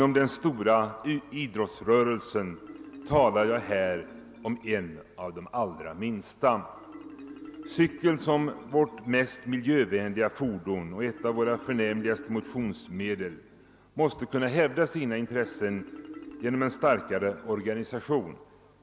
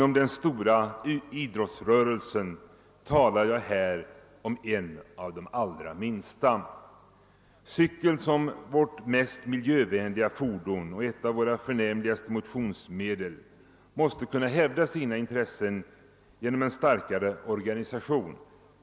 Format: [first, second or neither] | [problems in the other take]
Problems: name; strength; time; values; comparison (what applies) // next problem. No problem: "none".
second | background sound (Marimba, xylophone); 19 dB below the speech